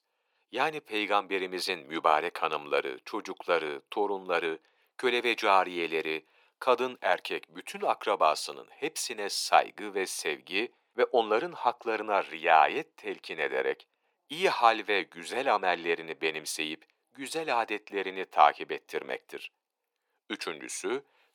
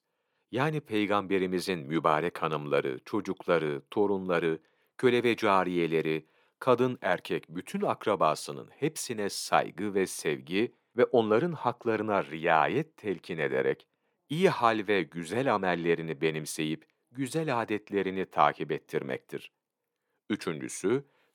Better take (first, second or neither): second